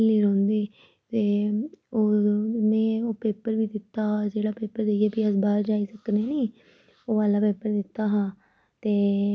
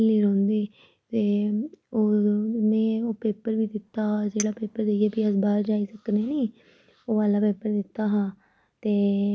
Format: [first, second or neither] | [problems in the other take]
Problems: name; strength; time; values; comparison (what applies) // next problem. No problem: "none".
first | background sound (Chink, clink); 18 dB below the speech